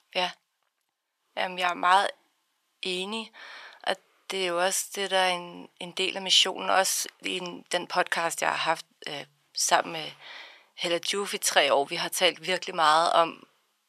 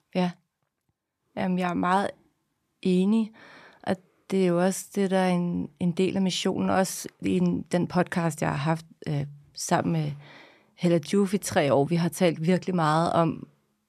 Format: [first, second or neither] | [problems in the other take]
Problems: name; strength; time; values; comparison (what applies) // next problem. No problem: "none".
second | thin; very; fading below 750 Hz